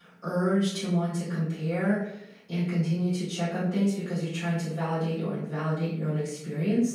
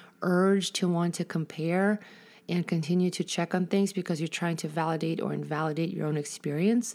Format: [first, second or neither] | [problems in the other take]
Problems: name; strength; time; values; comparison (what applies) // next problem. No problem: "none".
second | off-mic speech; far // room echo; noticeable; dies away in 0.6 s